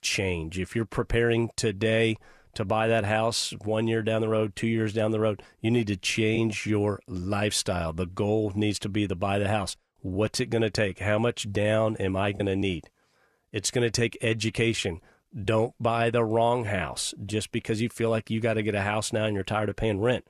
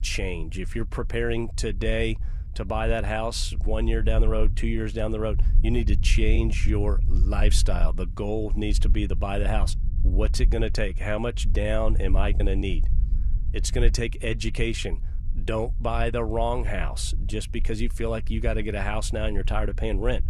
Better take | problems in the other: first | low rumble; noticeable; throughout; 20 dB below the speech

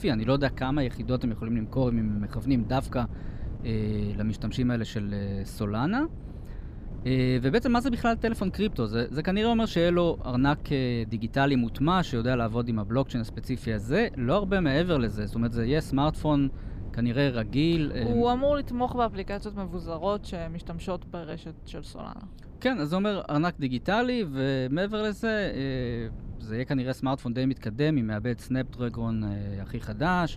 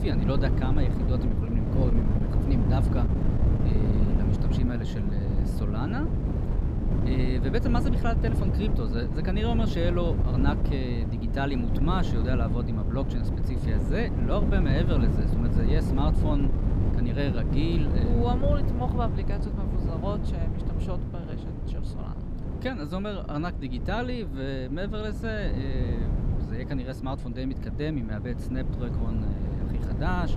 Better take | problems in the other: first | wind noise on the microphone; heavy; 3 dB below the speech; occasional gusts in the first

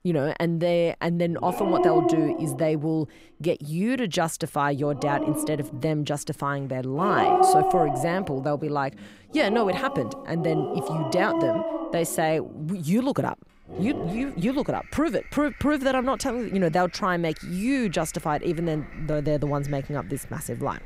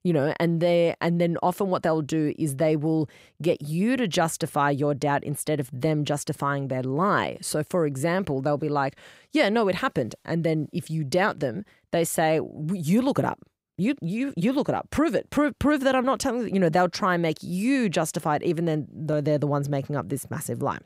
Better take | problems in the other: second | animal sounds; loud; throughout; 1 dB below the speech

